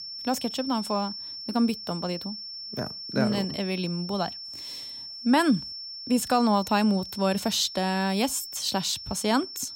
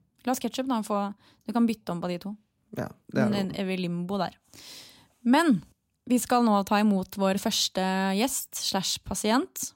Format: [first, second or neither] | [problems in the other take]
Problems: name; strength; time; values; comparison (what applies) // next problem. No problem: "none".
second | high-pitched whine; loud; throughout; 5.5 kHz, 9 dB below the speech